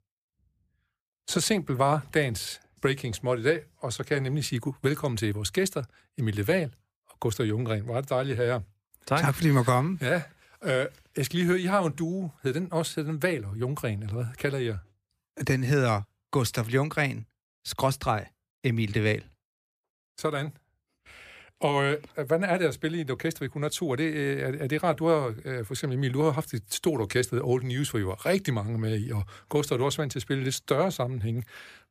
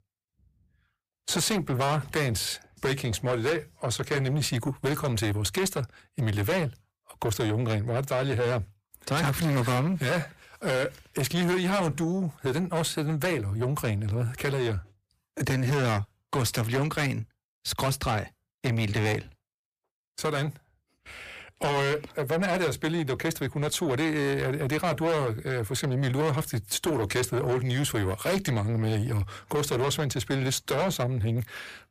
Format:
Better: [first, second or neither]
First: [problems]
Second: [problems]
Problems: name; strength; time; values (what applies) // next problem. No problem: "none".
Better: first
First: none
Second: distortion; heavy; 7 dB below the speech